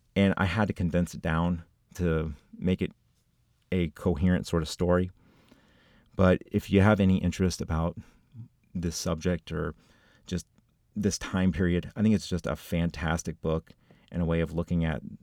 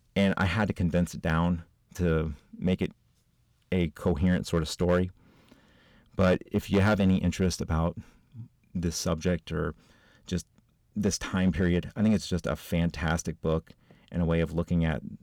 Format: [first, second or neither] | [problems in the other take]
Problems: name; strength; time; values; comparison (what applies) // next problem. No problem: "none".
first | distortion; slight; 4% of the sound clipped